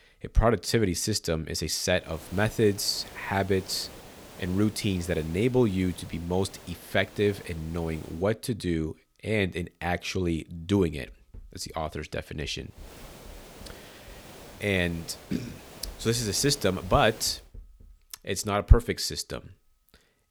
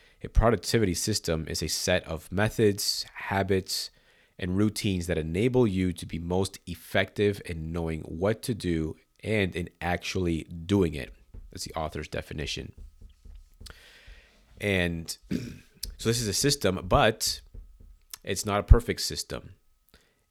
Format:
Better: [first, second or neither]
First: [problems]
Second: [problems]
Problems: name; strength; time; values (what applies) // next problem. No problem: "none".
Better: second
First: hiss; noticeable; from 2 to 8 s and from 13 to 17 s; 20 dB below the speech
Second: none